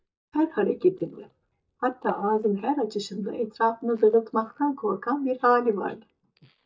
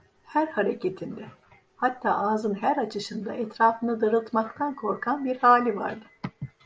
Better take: second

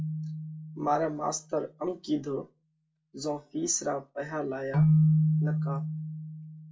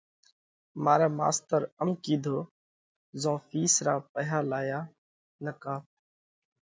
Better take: second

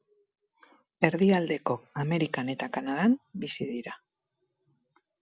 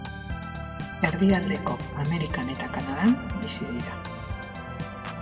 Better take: first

